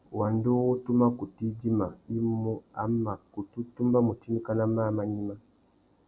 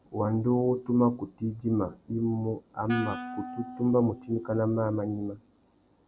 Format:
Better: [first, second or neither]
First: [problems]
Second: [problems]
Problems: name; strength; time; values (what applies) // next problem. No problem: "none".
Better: first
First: none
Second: background sound (Wind instrument, woodwind instrument); 12 dB below the speech